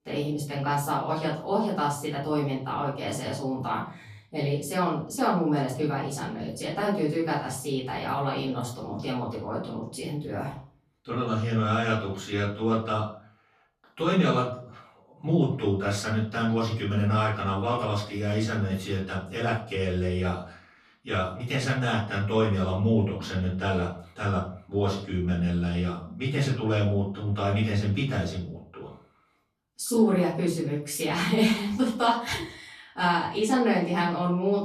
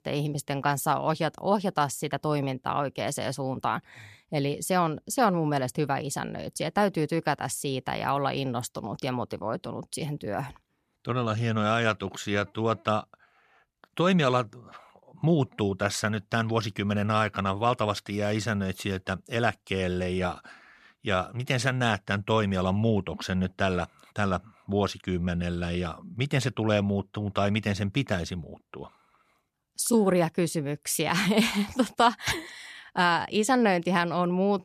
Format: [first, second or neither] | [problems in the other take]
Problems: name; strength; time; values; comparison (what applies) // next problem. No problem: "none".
second | off-mic speech; far // room echo; slight; dies away in 0.4 s